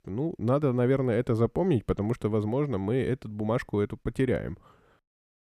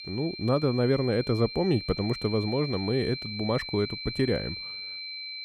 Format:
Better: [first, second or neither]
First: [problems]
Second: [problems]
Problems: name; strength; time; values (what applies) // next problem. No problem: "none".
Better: first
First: none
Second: high-pitched whine; loud; throughout; 4 kHz, 8 dB below the speech